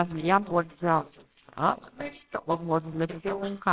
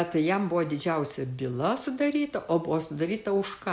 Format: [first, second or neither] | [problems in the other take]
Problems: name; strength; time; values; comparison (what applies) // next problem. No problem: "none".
second | noise reduction (neural separator model SepFormer WHAMR!)